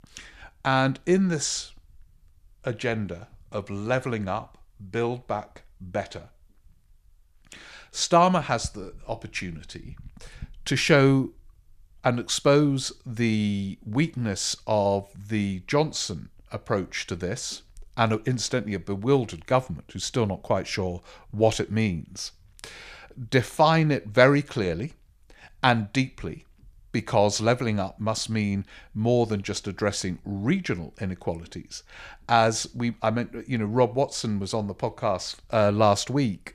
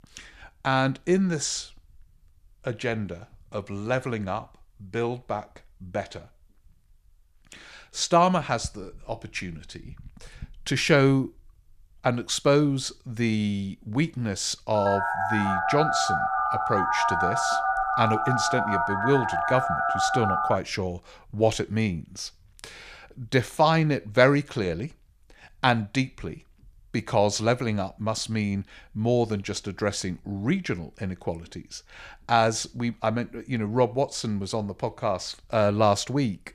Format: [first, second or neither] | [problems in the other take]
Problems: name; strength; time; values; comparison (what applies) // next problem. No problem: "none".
first | phone ringing; loud; from 15 to 21 s; peak 3 dB above the speech